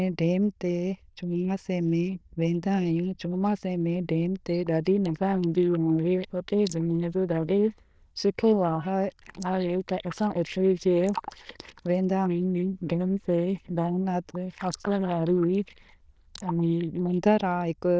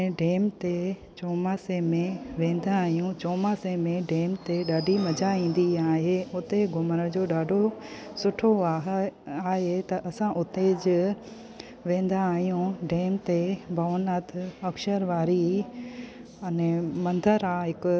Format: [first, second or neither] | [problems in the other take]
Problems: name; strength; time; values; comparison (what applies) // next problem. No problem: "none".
second | noise reduction (neural diffusion model UNIVERSE++)